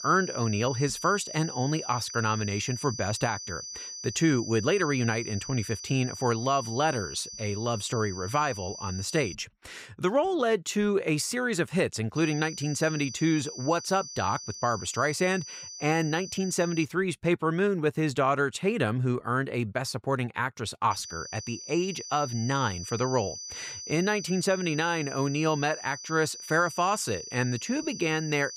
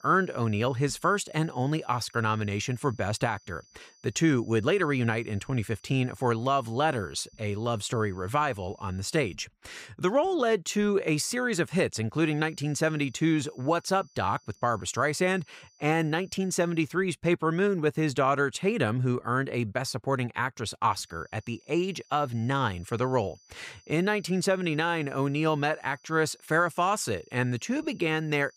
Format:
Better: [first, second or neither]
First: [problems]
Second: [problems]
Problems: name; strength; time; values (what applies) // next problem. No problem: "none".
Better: second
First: high-pitched whine; loud; until 9.5 s, from 12 to 17 s and from 21 s on; 6 kHz, 10 dB below the speech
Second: high-pitched whine; faint; until 9.5 s, from 12 to 17 s and from 21 s on; 6 kHz, 30 dB below the speech